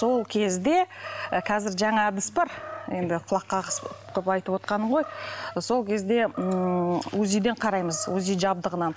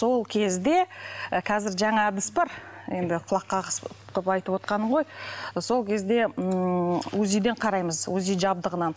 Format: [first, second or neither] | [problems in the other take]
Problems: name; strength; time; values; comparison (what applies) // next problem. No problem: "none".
second | background sound (Animal); 18 dB below the speech